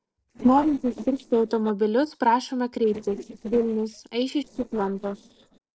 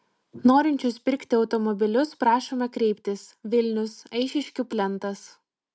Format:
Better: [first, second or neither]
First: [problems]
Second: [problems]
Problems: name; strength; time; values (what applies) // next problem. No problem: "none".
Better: second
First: noise reduction (neural separator model SepFormer DNS4)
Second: none